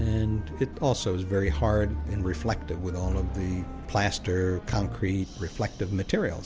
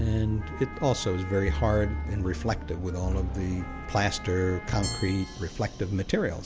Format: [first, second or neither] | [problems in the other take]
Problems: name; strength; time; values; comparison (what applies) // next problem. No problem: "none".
first | background sound (Wind instrument, woodwind instrument + Glass); 17 dB below the speech